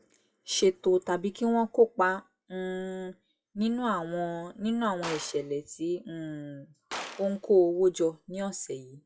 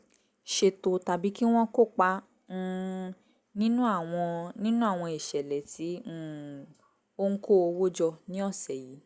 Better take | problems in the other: second | noise reduction (classical method WPE with log-MMSE)

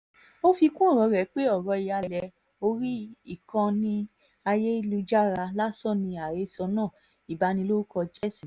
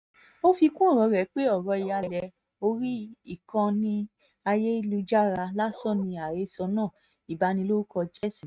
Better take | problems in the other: first | noise reduction (neural mask model RNNoise)

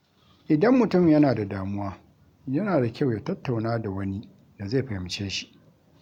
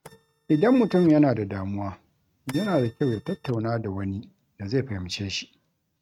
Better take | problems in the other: first | noise reduction (neural mask model RNNoise)

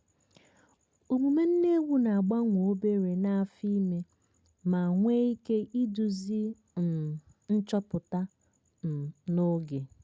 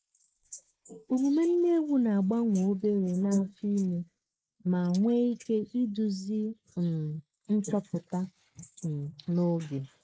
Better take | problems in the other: first | noise reduction (neural mask model Resemble Enhance denoiser)

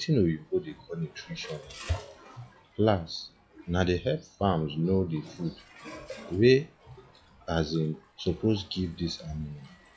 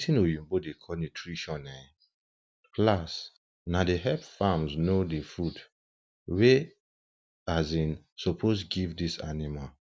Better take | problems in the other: second | noise reduction (classical method log-MMSE)

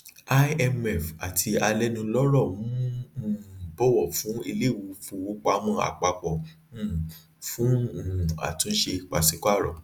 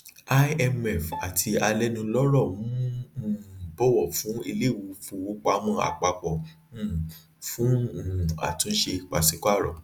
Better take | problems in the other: first | background sound (Bowed string instrument); 16 dB below the speech

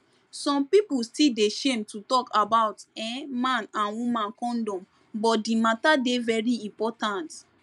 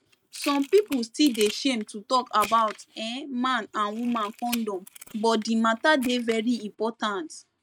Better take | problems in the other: first | noise reduction (neural mask model RNNoise)

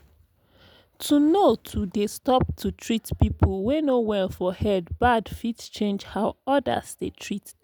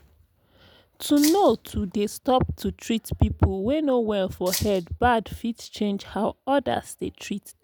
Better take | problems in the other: first | background sound (Rattle (instrument)); 8 dB below the speech

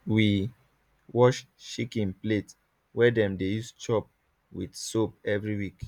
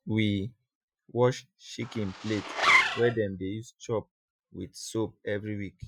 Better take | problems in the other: first | noise reduction (classical method Wiener filter)

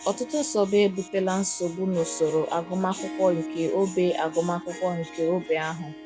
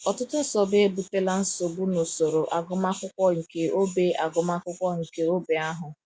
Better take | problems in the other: second | background sound (Harp); 14 dB below the speech

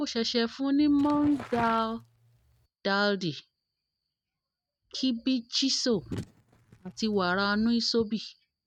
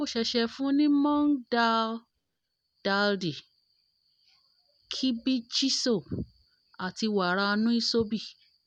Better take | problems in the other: second | noise reduction (neural mask model RNNoise)

